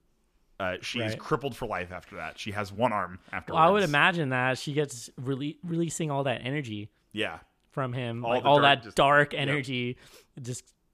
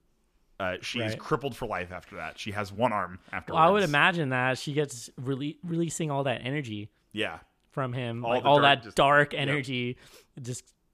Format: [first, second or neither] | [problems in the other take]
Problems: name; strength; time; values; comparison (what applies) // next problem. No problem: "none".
neither | none